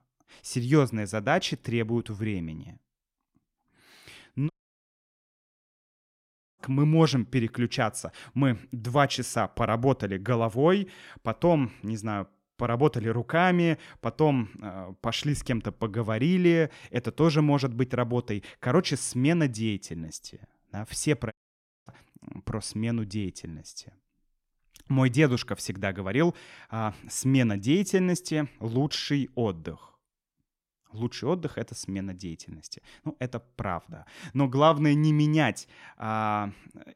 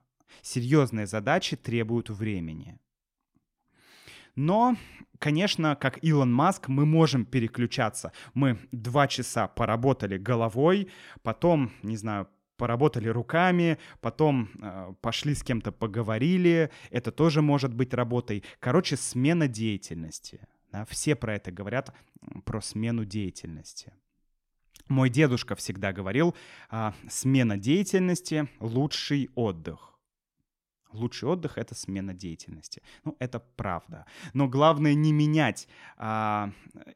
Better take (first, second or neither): second